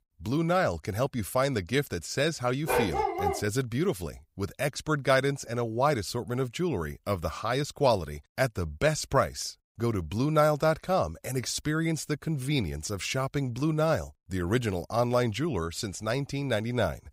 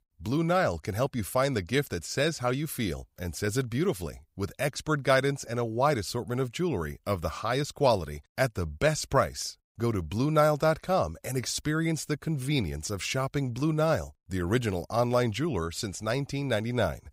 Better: second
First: dog barking; loud; at 2.5 s; peak 2 dB above the speech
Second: none

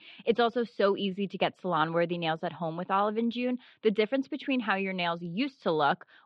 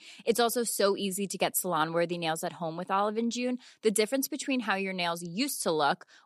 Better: second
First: muffled; slightly; fading above 3.5 kHz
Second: none

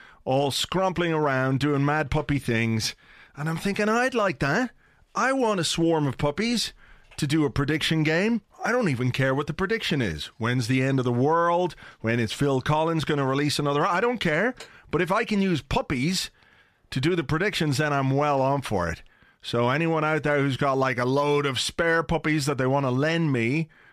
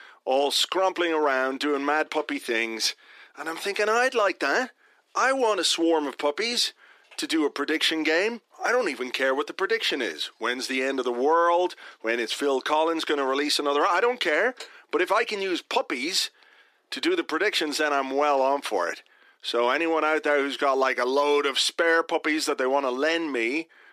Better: first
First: none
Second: thin; somewhat; fading below 300 Hz

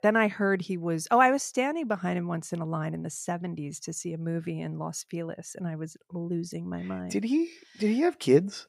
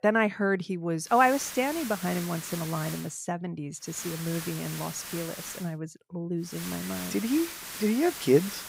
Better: first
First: none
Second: hiss; loud; from 1 to 3 s, from 4 to 5.5 s and from 6.5 s on; 9 dB below the speech

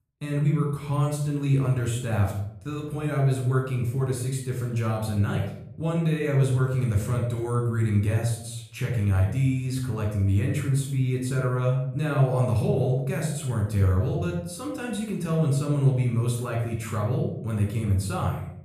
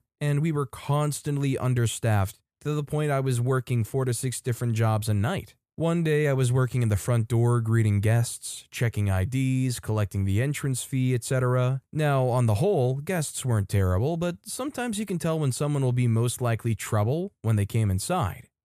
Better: second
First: off-mic speech; somewhat distant // room echo; noticeable; dies away in 0.6 s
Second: none

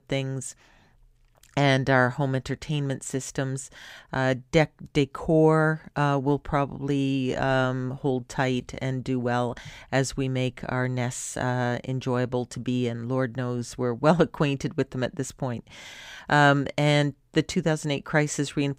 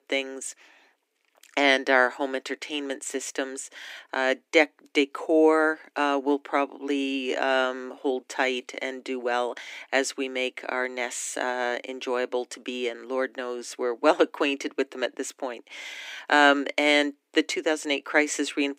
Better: first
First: none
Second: thin; somewhat; fading below 300 Hz

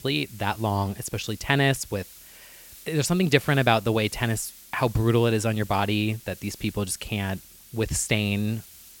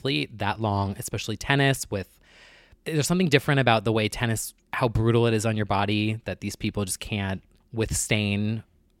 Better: second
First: hiss; noticeable; throughout; 20 dB below the speech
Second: none

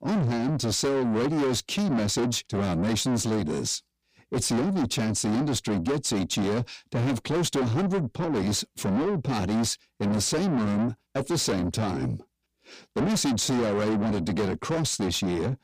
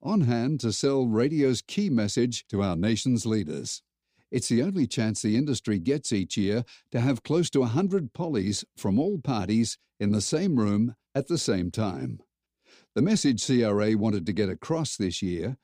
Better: second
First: distortion; heavy; 7 dB below the speech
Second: none

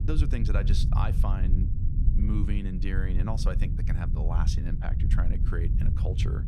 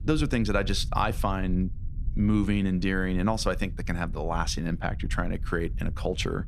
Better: second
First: low rumble; loud; throughout; 5 dB below the speech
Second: low rumble; faint; throughout; 25 dB below the speech

